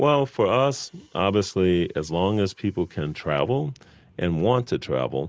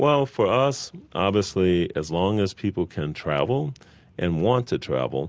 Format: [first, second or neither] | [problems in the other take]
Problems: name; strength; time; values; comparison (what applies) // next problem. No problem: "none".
second | noise reduction (neural mask model Resemble Enhance denoiser)